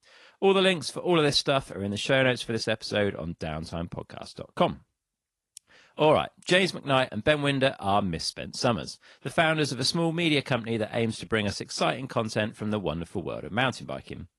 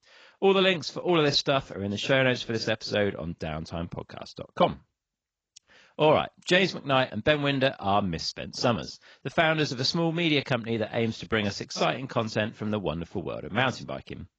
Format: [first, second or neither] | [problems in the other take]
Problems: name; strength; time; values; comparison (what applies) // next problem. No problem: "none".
first | garbled, watery; badly; slightly in the first